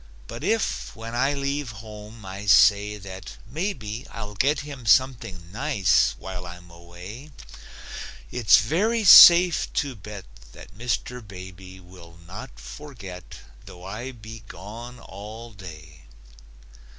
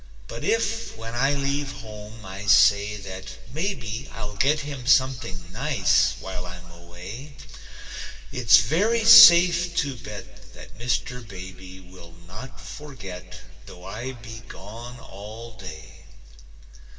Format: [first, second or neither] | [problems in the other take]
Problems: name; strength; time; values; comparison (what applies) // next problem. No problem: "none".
first | room echo; dies away in 1.9 s